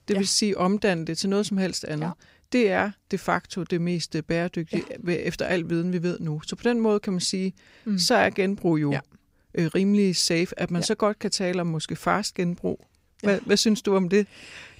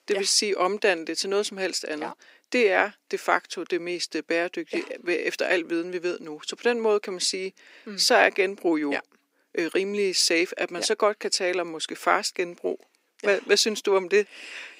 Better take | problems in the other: first | thin; somewhat; fading below 300 Hz

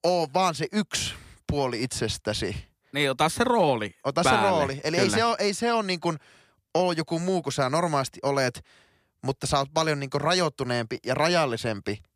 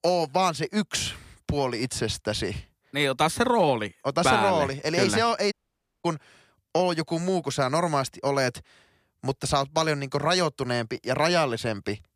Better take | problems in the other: first | audio cutting out; at 5.5 s for 0.5 s

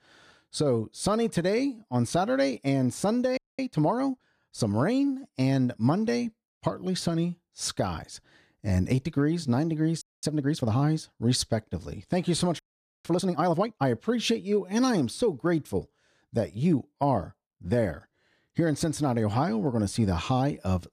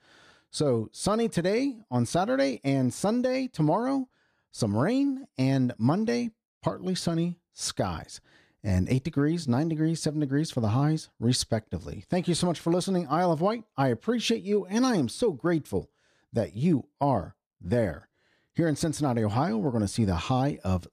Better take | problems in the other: second | audio freezing; at 3.5 s, at 10 s and at 13 s

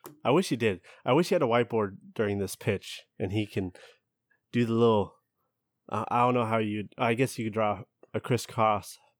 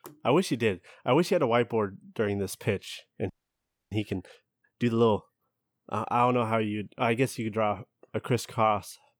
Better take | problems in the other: first | audio freezing; at 3.5 s for 0.5 s

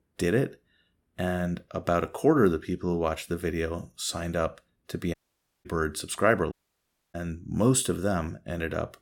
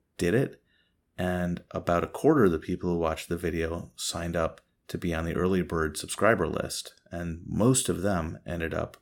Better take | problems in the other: second | audio cutting out; at 5 s for 0.5 s and at 6.5 s for 0.5 s

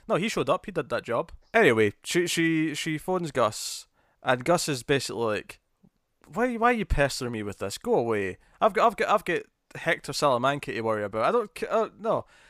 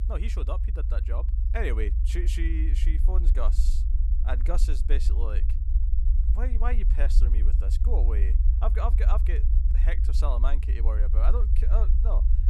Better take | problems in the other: first | low rumble; loud; throughout; 8 dB below the speech

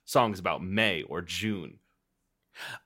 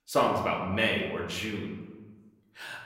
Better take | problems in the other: first | room echo; noticeable; dies away in 1 s // off-mic speech; somewhat distant

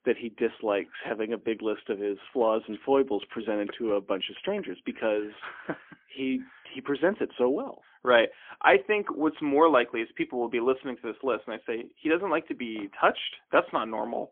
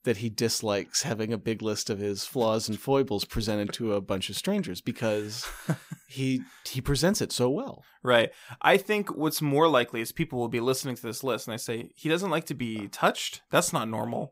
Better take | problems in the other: second | phone-call audio; poor line; nothing above 3.5 kHz

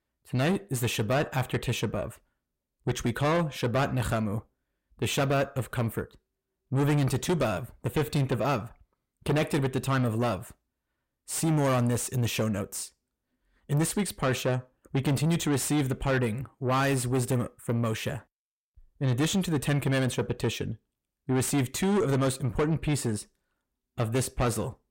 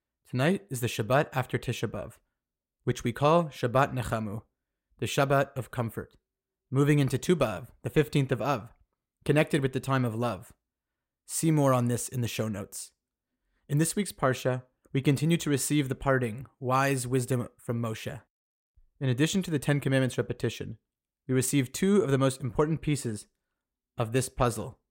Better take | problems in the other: second | distortion; heavy; 7 dB below the speech

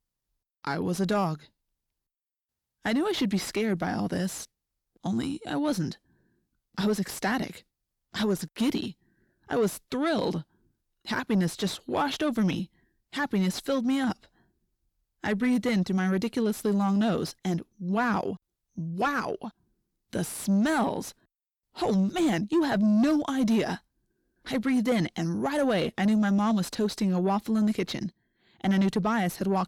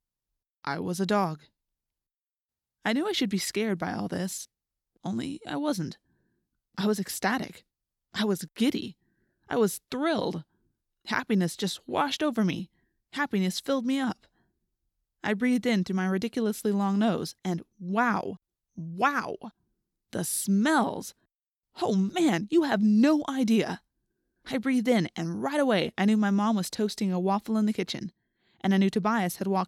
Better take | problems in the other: second | distortion; slight; 10 dB below the speech

